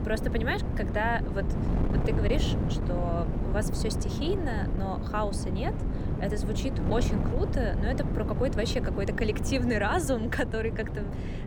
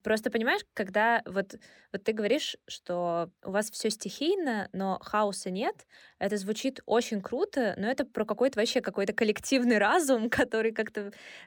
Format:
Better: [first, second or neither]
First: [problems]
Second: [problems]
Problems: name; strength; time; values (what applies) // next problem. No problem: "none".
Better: second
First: wind noise on the microphone; heavy; 6 dB below the speech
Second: none